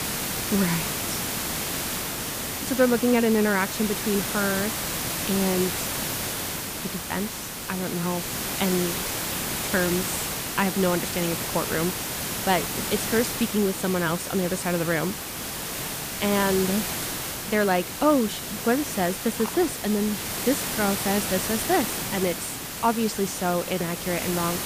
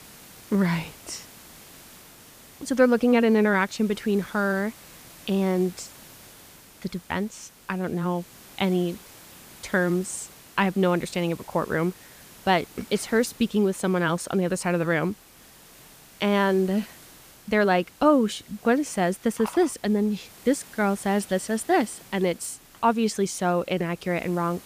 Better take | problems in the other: second | hiss; loud; throughout; 2 dB below the speech; faint in the second

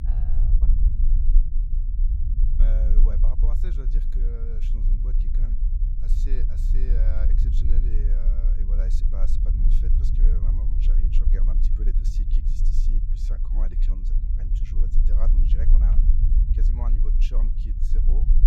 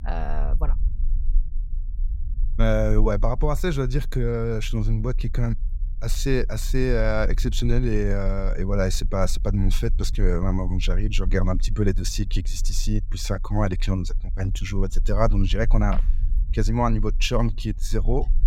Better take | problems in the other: second | low rumble; loud; throughout; as loud as the speech; faint in the second

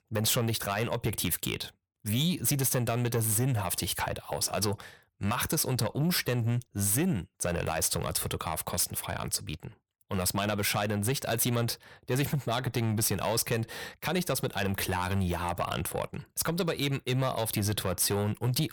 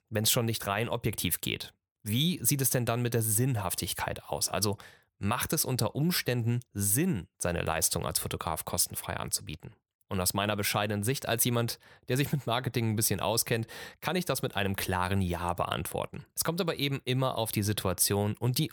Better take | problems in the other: second | distortion; slight; 10 dB below the speech

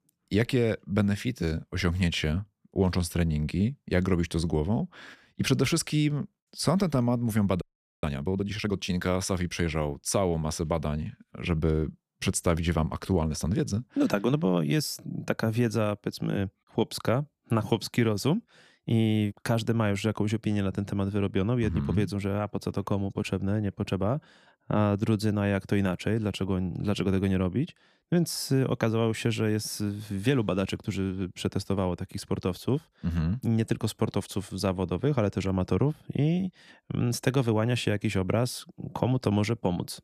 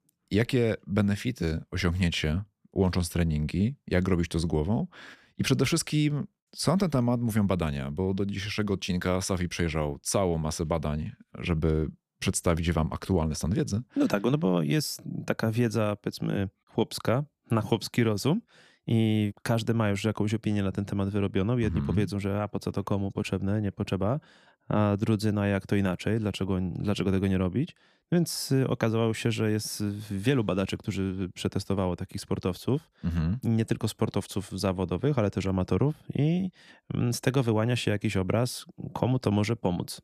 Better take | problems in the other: second | audio freezing; at 7.5 s

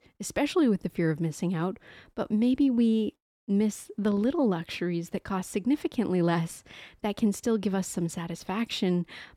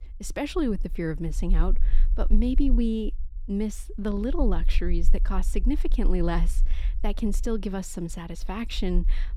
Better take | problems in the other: first | low rumble; faint; throughout; 20 dB below the speech

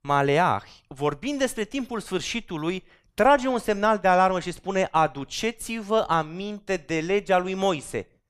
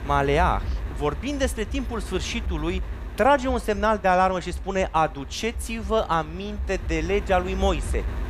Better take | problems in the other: first | wind noise on the microphone; occasional gusts; 20 dB below the speech

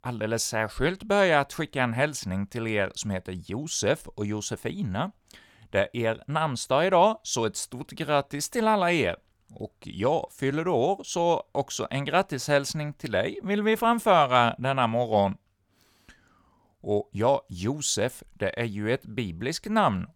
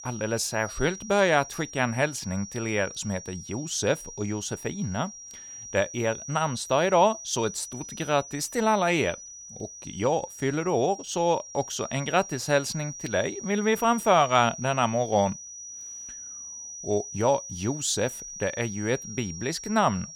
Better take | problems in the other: first | high-pitched whine; noticeable; throughout; 6 kHz, 10 dB below the speech

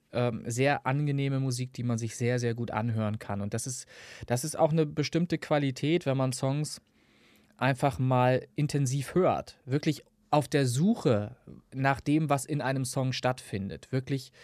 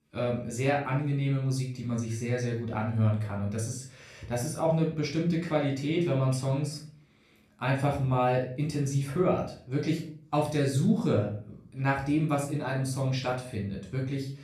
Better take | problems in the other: first | off-mic speech; far // room echo; slight; dies away in 0.4 s

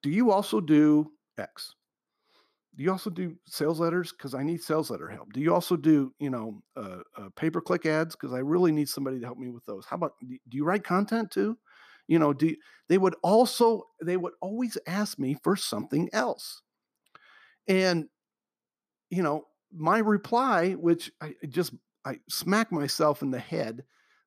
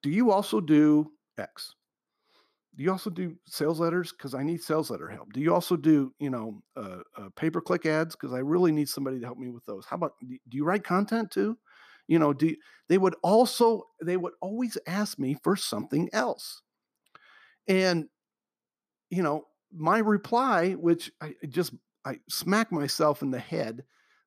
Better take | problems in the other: neither | none

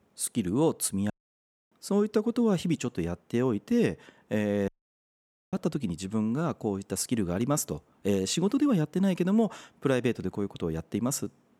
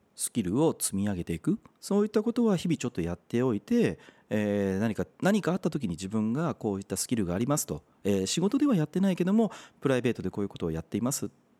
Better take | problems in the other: second | audio cutting out; at 1 s for 0.5 s and at 4.5 s for 1 s

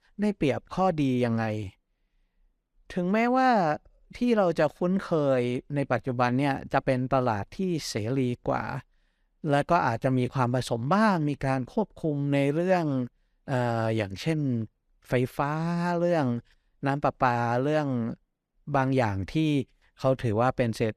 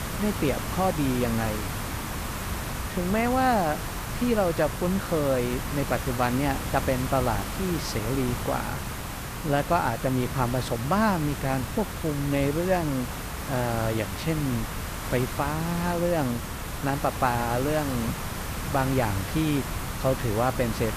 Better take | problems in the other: first | hiss; loud; throughout; 5 dB below the speech

